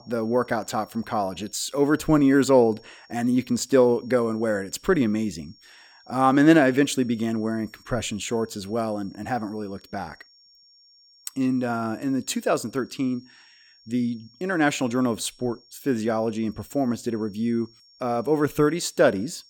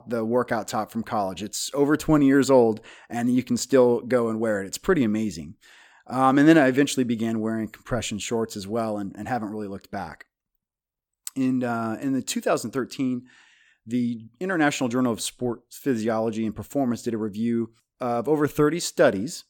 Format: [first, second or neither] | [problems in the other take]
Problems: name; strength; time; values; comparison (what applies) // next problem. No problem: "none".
second | high-pitched whine; faint; throughout; 5.5 kHz, 30 dB below the speech